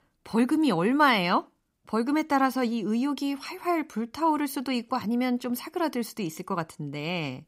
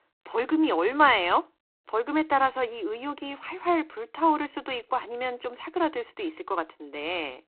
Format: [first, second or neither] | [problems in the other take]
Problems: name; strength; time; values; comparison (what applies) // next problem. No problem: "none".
first | phone-call audio; poor line; nothing above 4 kHz